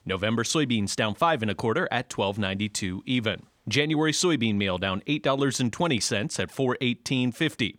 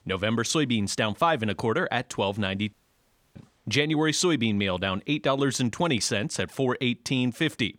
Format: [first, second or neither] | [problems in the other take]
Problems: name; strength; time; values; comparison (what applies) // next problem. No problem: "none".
first | audio cutting out; at 2.5 s for 0.5 s